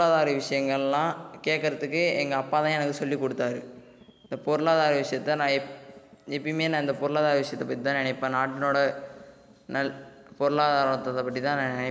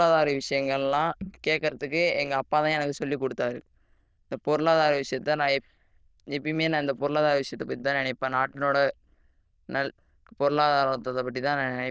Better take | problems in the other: first | noise reduction (neural diffusion model UNIVERSE++)

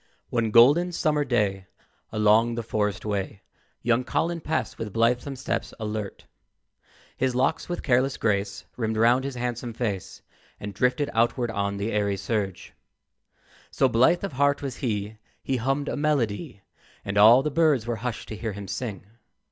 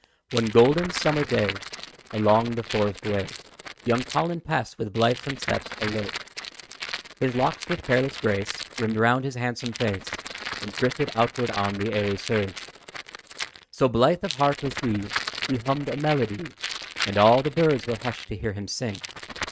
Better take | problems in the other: first | noise reduction (neural mask model RNNoise)

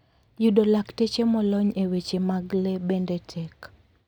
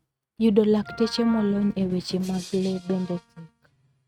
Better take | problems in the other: first | noise reduction (neural mask model RNNoise)

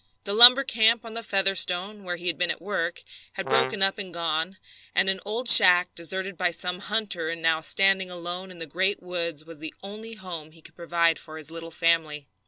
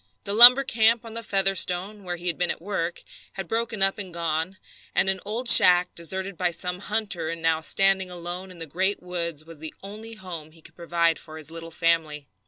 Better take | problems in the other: second | background sound (Brass instrument); 3 dB below the speech

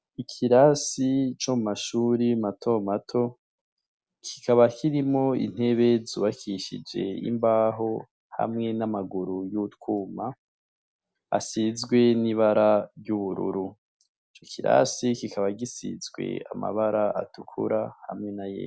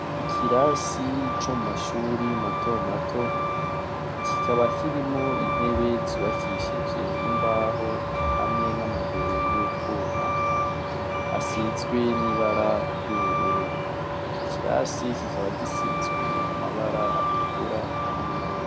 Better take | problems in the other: first | background sound (Truck); 3 dB above the speech

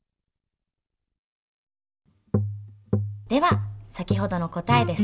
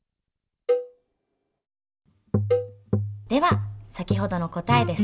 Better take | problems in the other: first | background sound (Cowbell); 5 dB below the speech

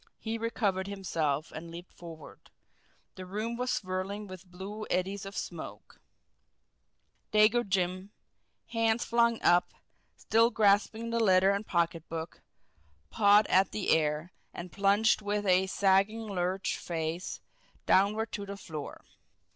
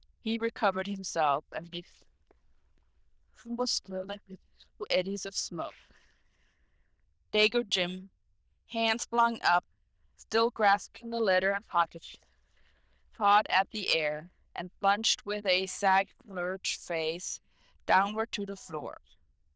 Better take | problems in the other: first | noise reduction (neural diffusion model UNIVERSE++)

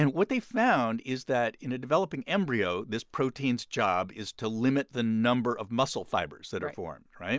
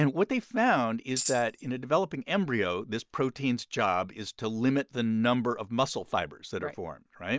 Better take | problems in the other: first | noise reduction (neural mask model DeepFilterNet 3)

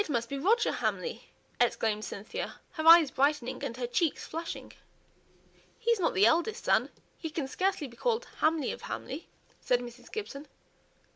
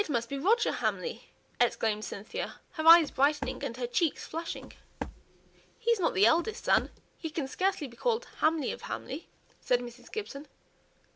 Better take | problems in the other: first | background sound (Walk, footsteps); 12 dB below the speech

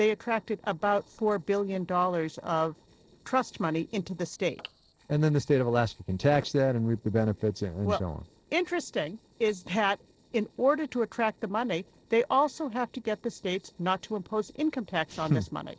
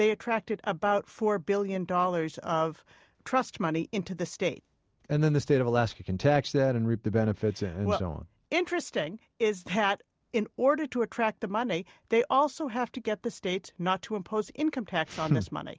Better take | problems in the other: second | noise reduction (neural separator model SepFormer DNS4)

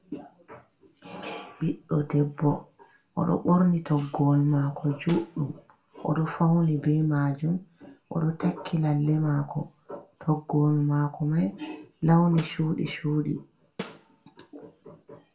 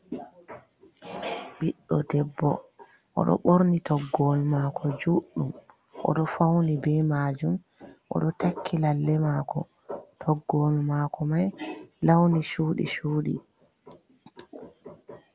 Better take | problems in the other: second | background sound (Snare drum); 17 dB below the speech // room echo; dies away in 0.2 s

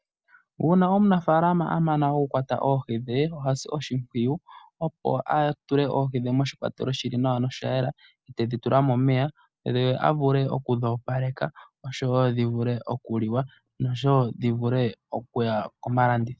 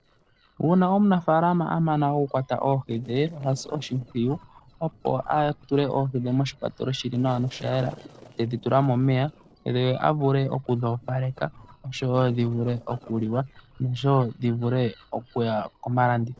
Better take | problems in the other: first | noise reduction (neural separator model SepFormer DNS4)

